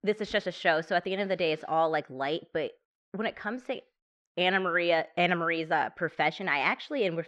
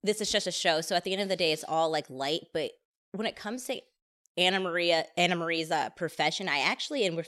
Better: second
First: muffled; slightly; fading above 2 kHz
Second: none

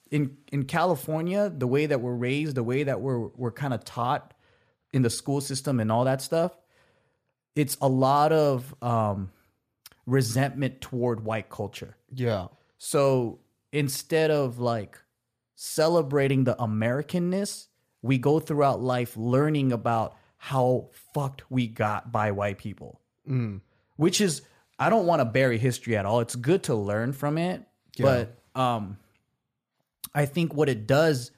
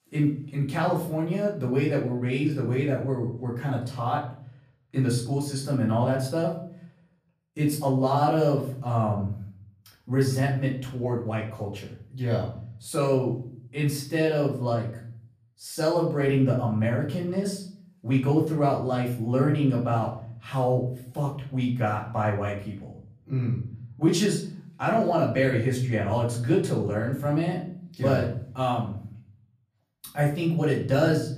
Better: first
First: none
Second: off-mic speech; far // room echo; slight; dies away in 0.6 s

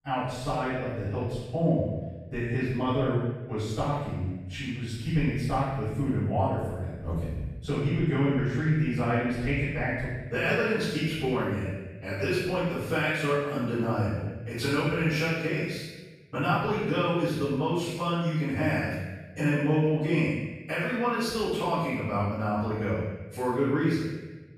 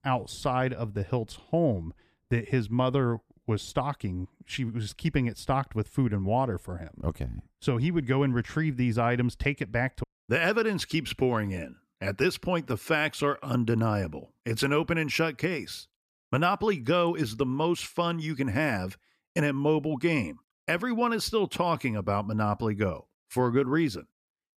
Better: second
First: off-mic speech; far // room echo; strong; dies away in 1.1 s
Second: none

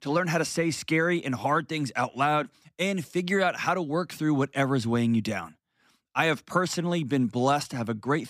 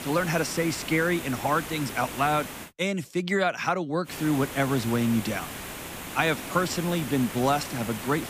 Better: first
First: none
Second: hiss; loud; until 2.5 s and from 4 s on; 9 dB below the speech

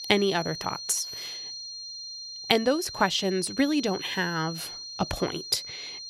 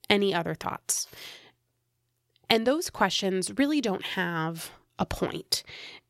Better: second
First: high-pitched whine; loud; throughout; 4 kHz, 9 dB below the speech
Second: none

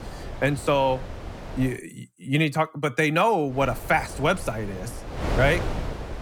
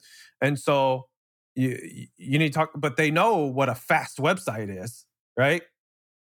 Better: second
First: wind noise on the microphone; occasional gusts; until 1.5 s and from 3.5 s on; 15 dB below the speech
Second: none

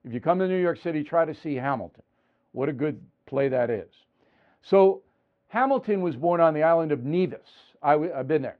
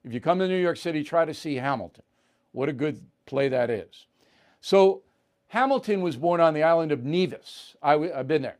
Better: second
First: muffled; slightly; fading above 2 kHz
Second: none

